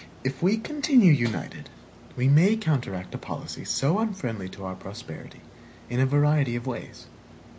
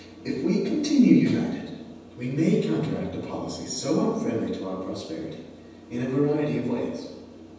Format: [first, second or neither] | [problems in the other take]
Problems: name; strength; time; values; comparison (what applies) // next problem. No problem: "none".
first | room echo; dies away in 1.1 s